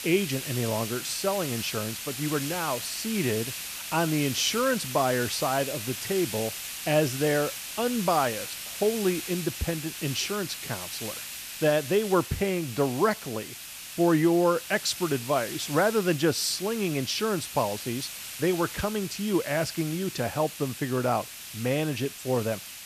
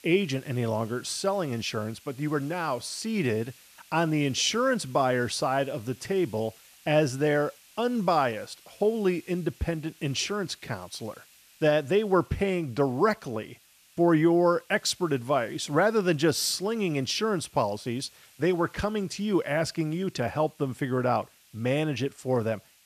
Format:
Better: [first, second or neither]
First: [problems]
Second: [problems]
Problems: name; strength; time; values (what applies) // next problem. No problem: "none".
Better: second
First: hiss; loud; throughout; 7 dB below the speech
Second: hiss; faint; throughout; 25 dB below the speech